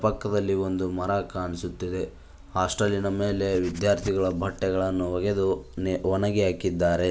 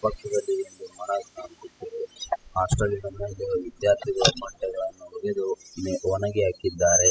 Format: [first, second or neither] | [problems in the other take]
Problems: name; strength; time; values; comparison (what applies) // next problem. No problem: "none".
first | noise reduction (classical method spectral subtraction)